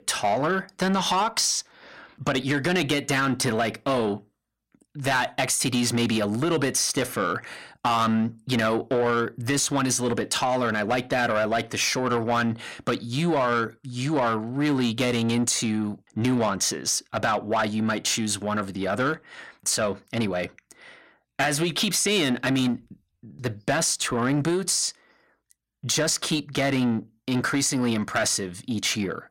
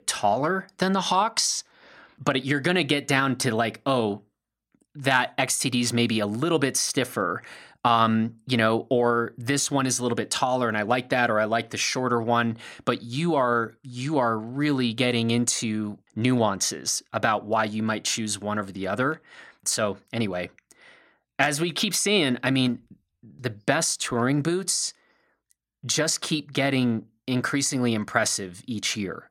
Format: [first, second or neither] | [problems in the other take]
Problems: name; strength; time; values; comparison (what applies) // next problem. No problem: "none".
second | distortion; slight; 10 dB below the speech